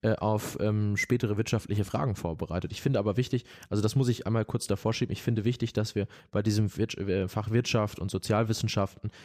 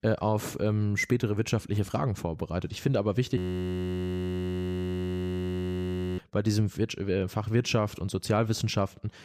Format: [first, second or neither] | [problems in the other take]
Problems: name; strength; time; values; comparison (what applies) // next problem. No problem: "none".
first | audio freezing; at 3.5 s for 3 s